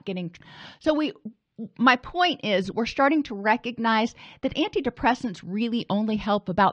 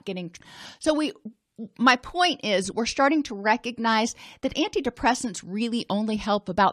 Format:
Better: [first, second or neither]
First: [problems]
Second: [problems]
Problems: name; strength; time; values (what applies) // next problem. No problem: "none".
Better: second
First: muffled; very slightly; fading above 4 kHz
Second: none